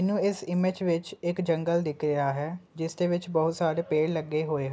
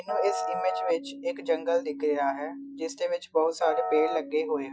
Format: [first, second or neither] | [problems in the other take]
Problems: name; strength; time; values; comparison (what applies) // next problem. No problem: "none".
first | noise reduction (classical method Wiener filter)